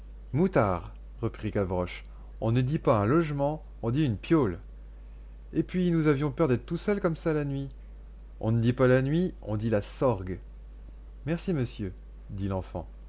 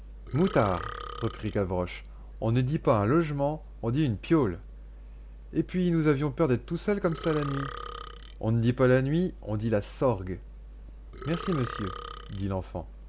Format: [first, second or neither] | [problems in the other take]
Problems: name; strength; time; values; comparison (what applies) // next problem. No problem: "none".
first | background sound (Burping, eructation); 13 dB below the speech